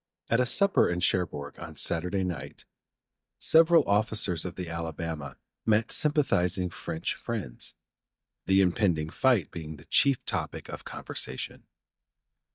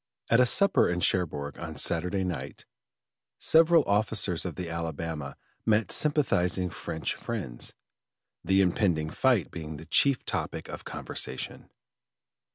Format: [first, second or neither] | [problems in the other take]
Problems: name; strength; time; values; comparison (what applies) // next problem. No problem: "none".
second | noise reduction (neural mask model DeepFilterNet 3)